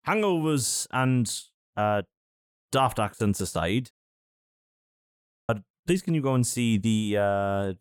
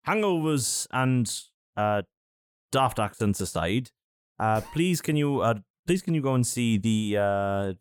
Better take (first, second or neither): second